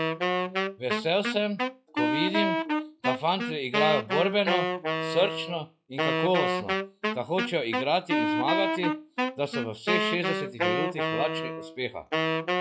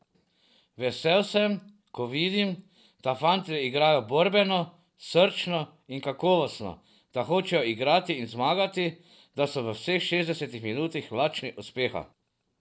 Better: second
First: noise reduction (classical method log-MMSE)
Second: none

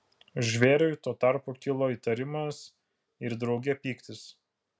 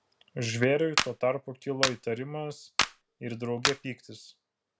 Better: first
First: none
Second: background sound (Clapping); 1 dB below the speech

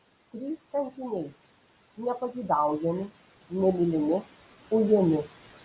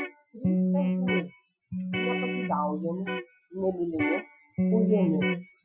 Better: first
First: none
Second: noise reduction (classical method Wiener filter)

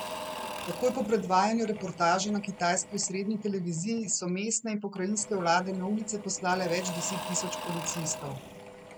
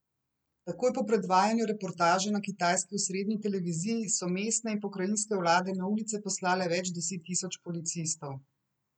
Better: second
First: background sound (Engine / Drill / Mechanisms); 11 dB below the speech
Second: none

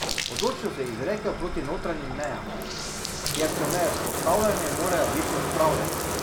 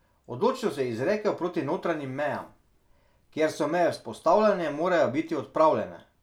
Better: second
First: background sound (Bathtub (filling or washing)); 1 dB below the speech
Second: none

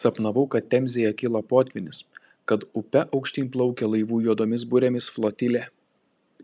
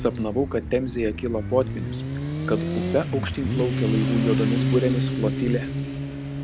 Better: first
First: none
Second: background sound (Motorcycle); as loud as the speech

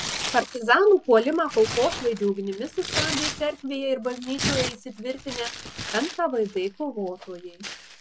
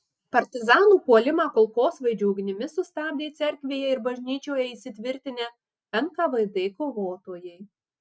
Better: second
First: background sound (Tearing); 8 dB below the speech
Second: none

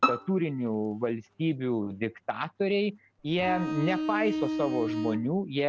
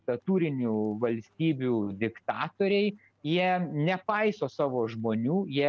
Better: second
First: background sound (Bowed string instrument + Bowed string instrument); 2 dB below the speech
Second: none

